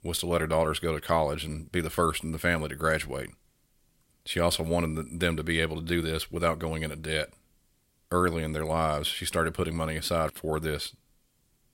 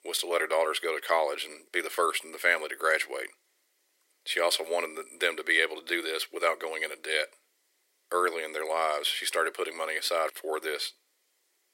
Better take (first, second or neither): first